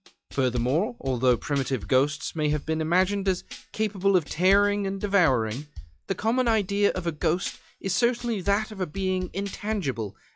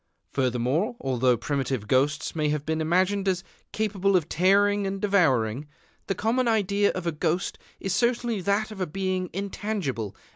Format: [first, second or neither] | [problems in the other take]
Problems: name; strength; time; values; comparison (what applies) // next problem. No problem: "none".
second | noise reduction (classical method log-MMSE)